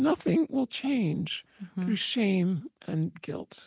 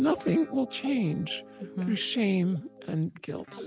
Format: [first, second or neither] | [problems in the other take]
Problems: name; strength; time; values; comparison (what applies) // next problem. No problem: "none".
first | background sound (Guitar); 15 dB below the speech